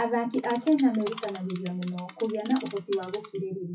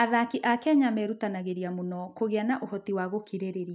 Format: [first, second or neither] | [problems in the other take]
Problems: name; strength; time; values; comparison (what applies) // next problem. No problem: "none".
second | noise reduction (classical method WPE with log-MMSE)